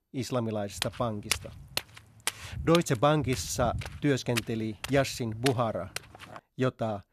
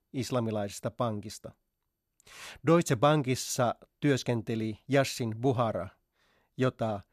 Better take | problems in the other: second | footsteps; noticeable; from 1 to 6.5 s; peak 2 dB below the speech

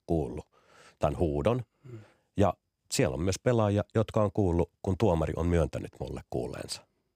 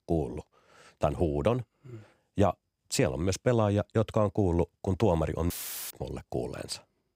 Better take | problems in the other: first | audio cutting out; filled with static; at 5.5 s

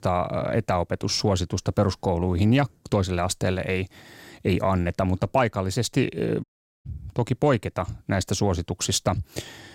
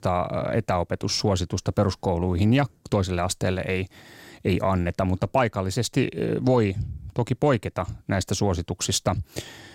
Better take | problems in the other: second | audio cutting out; at 6.5 s

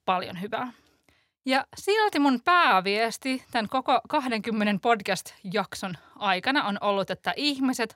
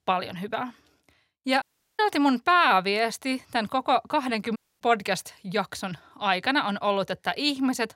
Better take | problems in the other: first | audio cutting out; at 1.5 s and at 4.5 s

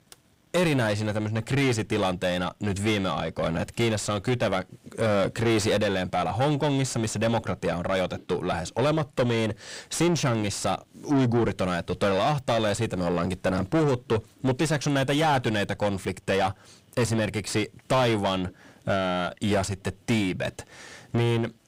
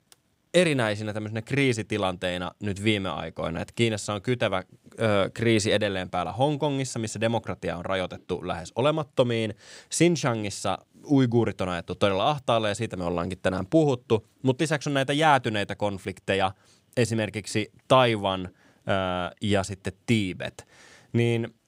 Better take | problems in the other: second | distortion; heavy; 5 dB below the speech

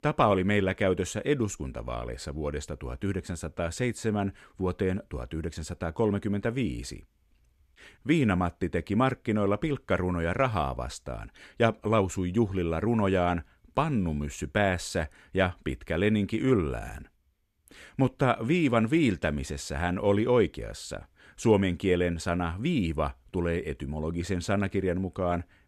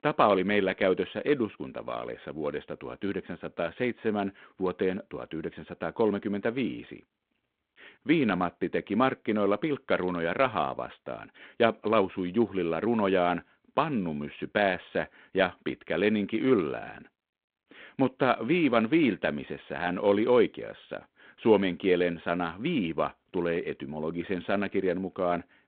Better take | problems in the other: first | phone-call audio; nothing above 3.5 kHz

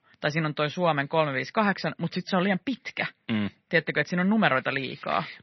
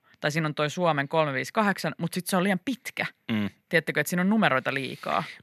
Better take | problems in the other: second | garbled, watery; slightly; nothing above 6 kHz

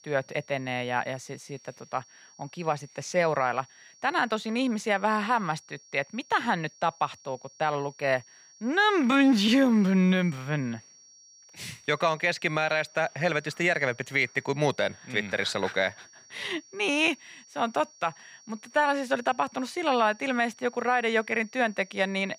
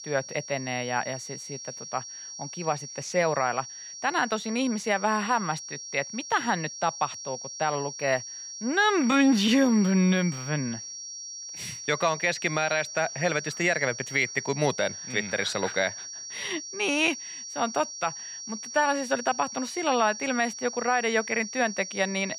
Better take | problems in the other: first | high-pitched whine; loud; throughout; 5.5 kHz, 10 dB below the speech; faint in the first

